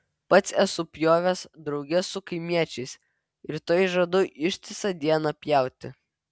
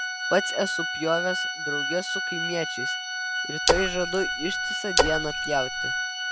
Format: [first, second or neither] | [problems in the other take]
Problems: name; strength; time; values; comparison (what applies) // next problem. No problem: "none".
first | background sound (Splash, splatter + Organ); 2 dB above the speech